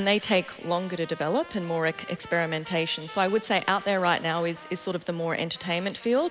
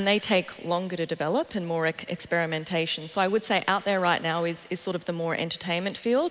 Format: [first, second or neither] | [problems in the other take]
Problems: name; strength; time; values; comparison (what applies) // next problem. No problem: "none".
second | background sound (Trumpet); 19 dB below the speech